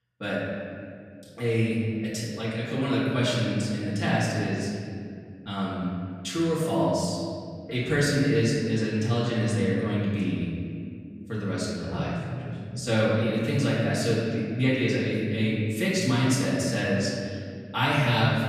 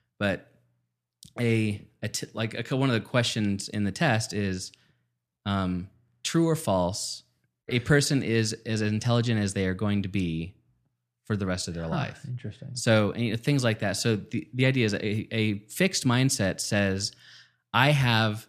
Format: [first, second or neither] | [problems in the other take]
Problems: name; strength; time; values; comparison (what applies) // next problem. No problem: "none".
second | room echo; noticeable; dies away in 2.2 s // off-mic speech; far